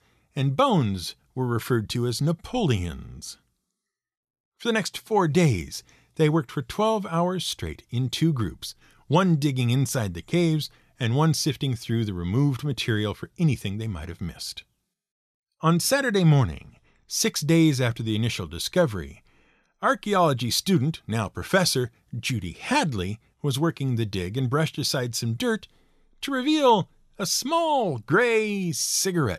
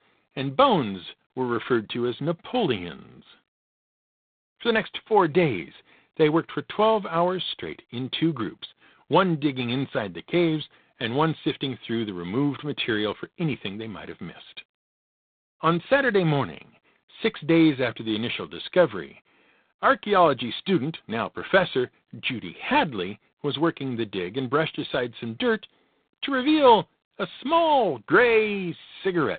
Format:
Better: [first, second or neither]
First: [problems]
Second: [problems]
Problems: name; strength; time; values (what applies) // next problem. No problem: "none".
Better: first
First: none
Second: phone-call audio; poor line; nothing above 4 kHz